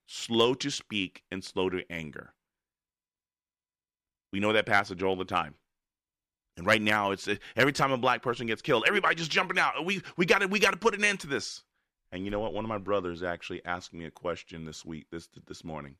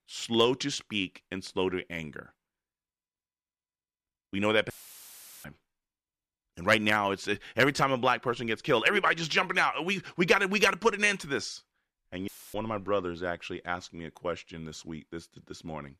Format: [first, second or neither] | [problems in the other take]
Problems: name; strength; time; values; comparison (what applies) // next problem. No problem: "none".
first | audio cutting out; filled with static; at 4.5 s for 0.5 s and at 12 s